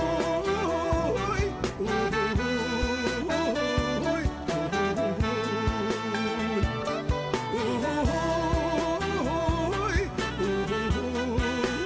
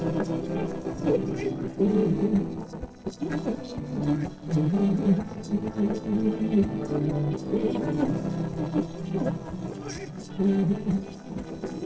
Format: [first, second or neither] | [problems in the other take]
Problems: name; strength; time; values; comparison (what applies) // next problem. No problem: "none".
first | noise reduction (neural separator model SepFormer DNS4)